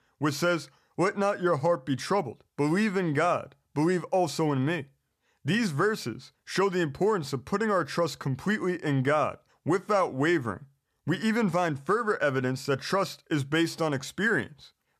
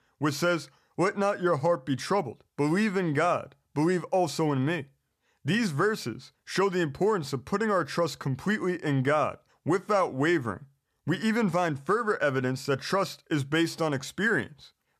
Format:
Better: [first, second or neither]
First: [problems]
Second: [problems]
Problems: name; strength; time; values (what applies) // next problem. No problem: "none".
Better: neither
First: none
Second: none